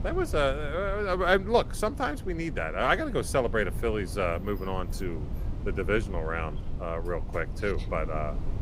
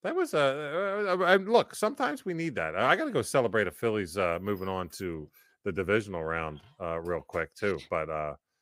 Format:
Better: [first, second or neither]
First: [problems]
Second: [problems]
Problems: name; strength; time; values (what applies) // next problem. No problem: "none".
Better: second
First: wind noise on the microphone; occasional gusts; 20 dB below the speech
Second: none